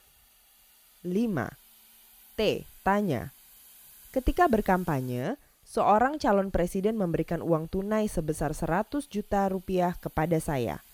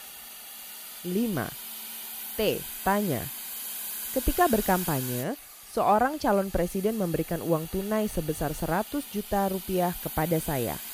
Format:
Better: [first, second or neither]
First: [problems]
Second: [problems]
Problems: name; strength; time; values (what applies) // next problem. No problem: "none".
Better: first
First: hiss; faint; throughout; 25 dB below the speech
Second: hiss; loud; throughout; 8 dB below the speech